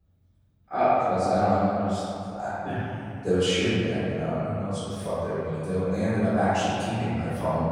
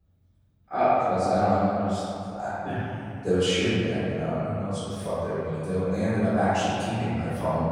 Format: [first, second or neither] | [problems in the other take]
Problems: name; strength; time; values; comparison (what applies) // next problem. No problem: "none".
neither | off-mic speech; far; the same in both // room echo; strong; dies away in 2.7 s; the same in both